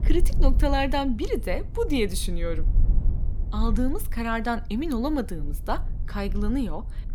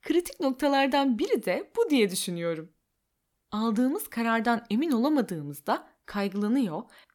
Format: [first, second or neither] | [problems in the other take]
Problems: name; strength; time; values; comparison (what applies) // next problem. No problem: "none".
second | low rumble; noticeable; throughout; 20 dB below the speech